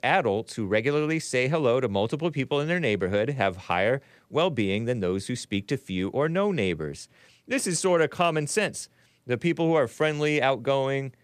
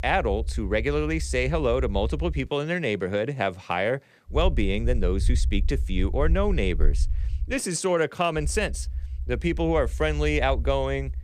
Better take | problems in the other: first | low rumble; faint; until 2.5 s, from 4.5 to 7.5 s and from 8.5 s on; 25 dB below the speech

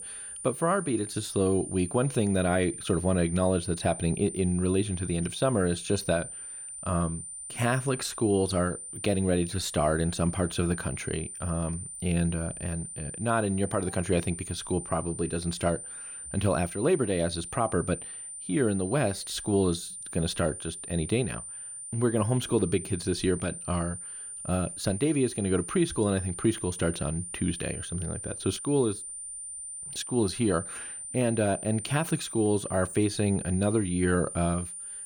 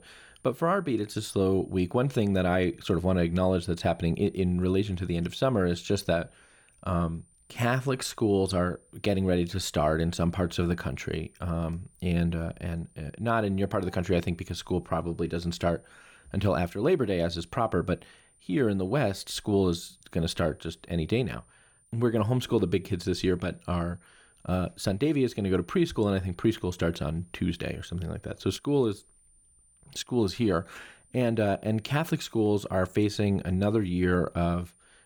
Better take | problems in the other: second | high-pitched whine; loud; throughout; 9 kHz, 9 dB below the speech; faint in the second

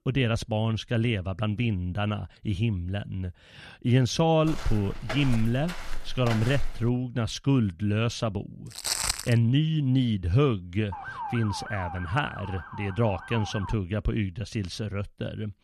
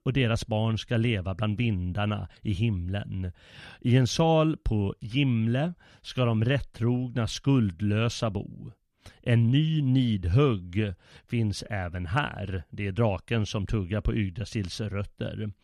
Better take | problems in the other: second | footsteps; noticeable; from 4.5 to 7 s; peak 8 dB below the speech // footsteps; loud; at 9 s; peak 1 dB above the speech // siren; noticeable; from 11 to 14 s; peak 8 dB below the speech

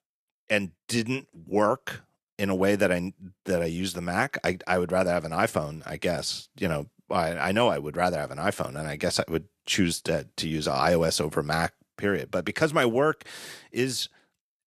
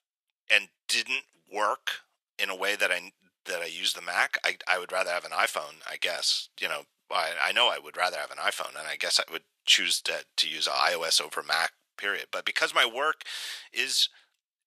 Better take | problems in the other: first | thin; very; fading below 900 Hz

